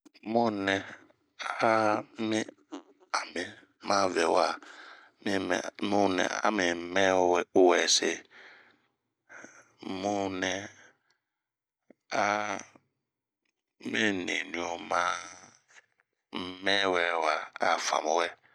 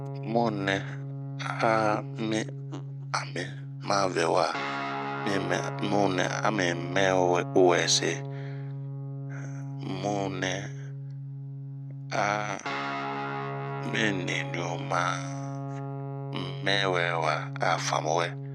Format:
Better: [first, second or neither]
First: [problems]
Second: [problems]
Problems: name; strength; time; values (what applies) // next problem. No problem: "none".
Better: first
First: none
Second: background sound (Guitar); 5 dB below the speech